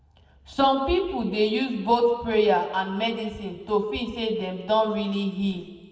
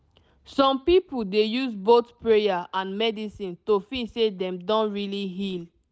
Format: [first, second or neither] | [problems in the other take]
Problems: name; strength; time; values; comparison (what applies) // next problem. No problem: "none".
second | room echo; dies away in 1.3 s